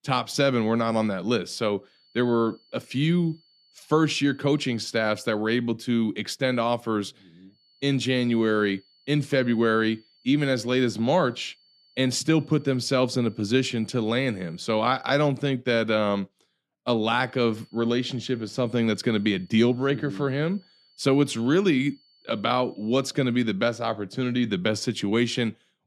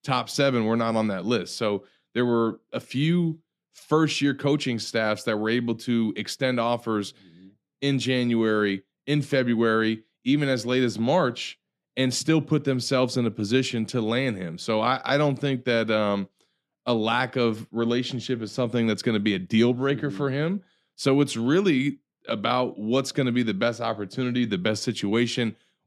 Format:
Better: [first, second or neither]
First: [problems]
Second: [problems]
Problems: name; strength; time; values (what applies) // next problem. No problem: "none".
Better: second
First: high-pitched whine; faint; from 2 to 5.5 s, from 7.5 to 15 s and from 17 to 23 s; 4.5 kHz, 35 dB below the speech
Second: none